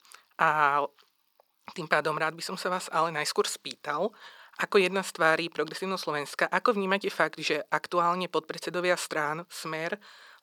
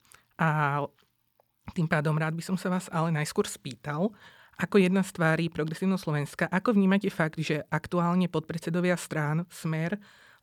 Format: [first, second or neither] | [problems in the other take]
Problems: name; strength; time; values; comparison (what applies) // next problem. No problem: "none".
second | thin; very; fading below 450 Hz